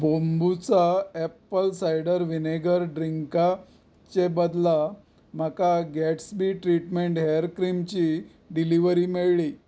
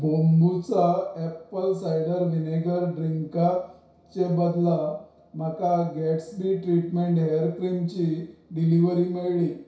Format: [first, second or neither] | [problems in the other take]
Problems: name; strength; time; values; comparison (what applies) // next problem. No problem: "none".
first | room echo; dies away in 0.6 s